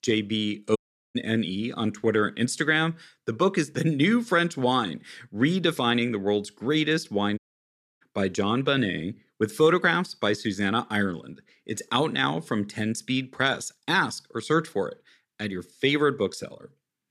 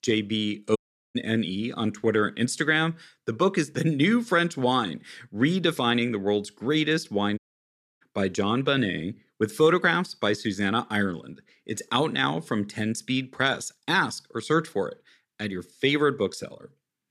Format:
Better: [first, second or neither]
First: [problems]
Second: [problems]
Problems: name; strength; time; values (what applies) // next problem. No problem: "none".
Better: neither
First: audio cutting out; at 1 s and at 7.5 s for 0.5 s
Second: audio cutting out; at 1 s and at 7.5 s for 0.5 s